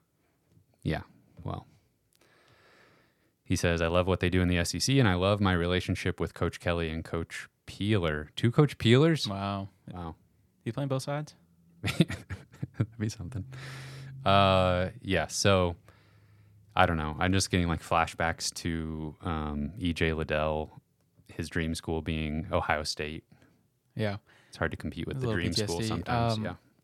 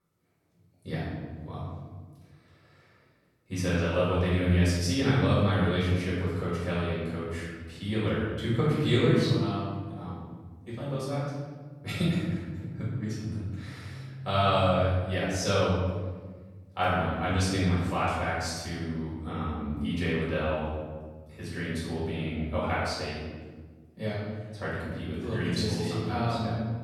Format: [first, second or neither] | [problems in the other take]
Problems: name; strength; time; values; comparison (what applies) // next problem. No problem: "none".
first | off-mic speech; far // room echo; strong; dies away in 1.4 s